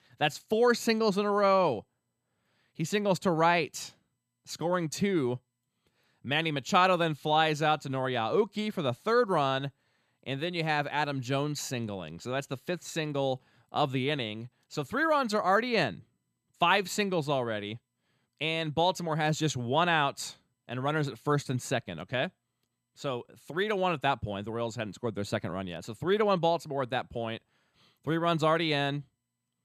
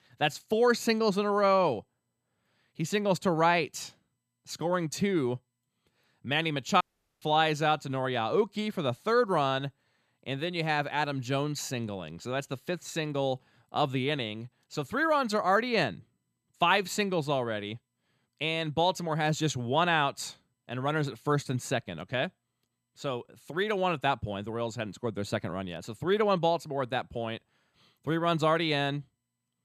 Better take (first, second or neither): first